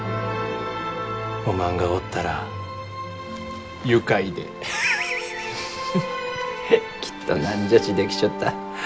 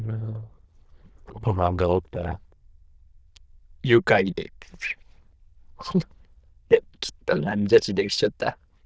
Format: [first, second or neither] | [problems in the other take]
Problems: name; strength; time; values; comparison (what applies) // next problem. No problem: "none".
first | noise reduction (neural diffusion model UNIVERSE++)